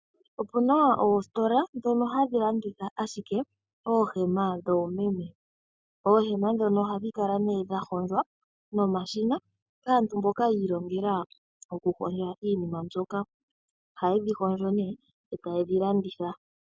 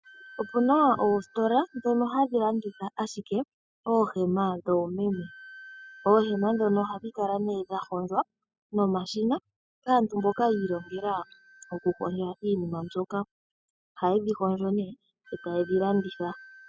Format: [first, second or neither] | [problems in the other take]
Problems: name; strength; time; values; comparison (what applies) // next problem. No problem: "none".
first | noise reduction (classical method spectral subtraction)